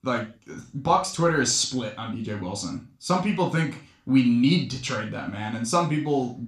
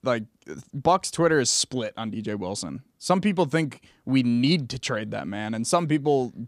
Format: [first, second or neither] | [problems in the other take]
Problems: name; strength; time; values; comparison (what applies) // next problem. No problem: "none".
second | room echo; slight; dies away in 0.3 s // off-mic speech; somewhat distant